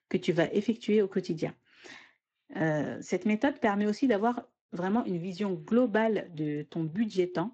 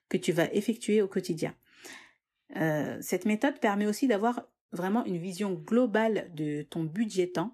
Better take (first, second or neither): second